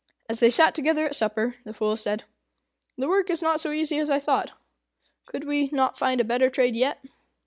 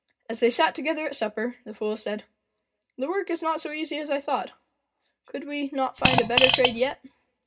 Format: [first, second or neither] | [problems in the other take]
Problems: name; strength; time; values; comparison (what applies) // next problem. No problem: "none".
first | background sound (Fart); 5 dB above the speech // room echo; dies away in 0.2 s